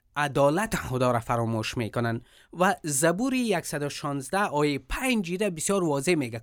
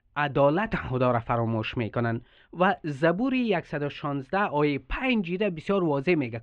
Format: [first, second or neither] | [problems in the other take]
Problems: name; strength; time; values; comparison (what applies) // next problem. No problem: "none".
first | muffled; very; fading above 3 kHz